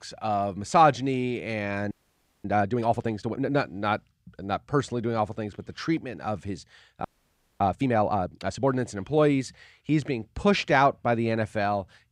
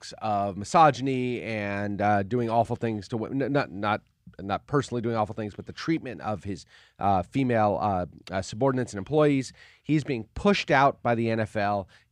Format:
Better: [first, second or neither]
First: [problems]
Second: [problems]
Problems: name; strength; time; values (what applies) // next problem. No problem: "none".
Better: second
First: audio freezing; at 2 s for 0.5 s and at 7 s for 0.5 s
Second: none